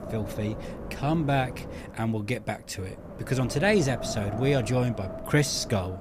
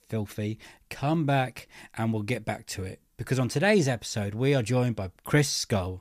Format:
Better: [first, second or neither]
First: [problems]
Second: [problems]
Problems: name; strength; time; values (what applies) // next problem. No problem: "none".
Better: second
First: wind noise on the microphone; heavy; 10 dB below the speech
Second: none